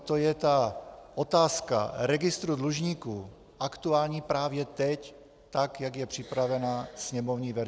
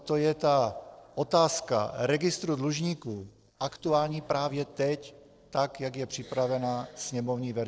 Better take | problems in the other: first | noise reduction (neural separator model SepFormer DNS4)

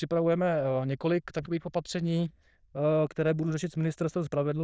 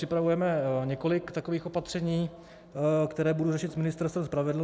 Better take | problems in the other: second | noise reduction (neural diffusion model UNIVERSE++)

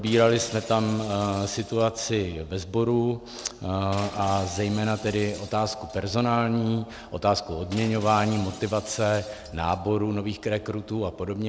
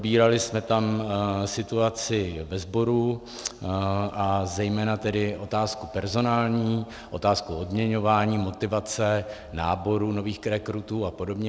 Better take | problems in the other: second | background sound (Shatter); 19 dB below the speech

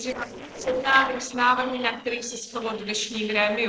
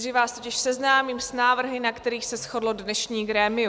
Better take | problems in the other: second | noise reduction (neural separator model SepFormer DNS4)

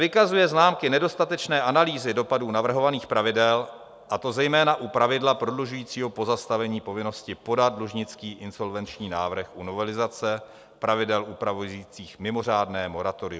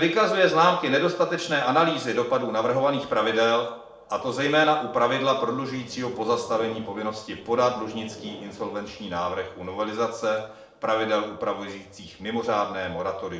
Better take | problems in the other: first | noise reduction (neural separator model SepFormer DNS4)

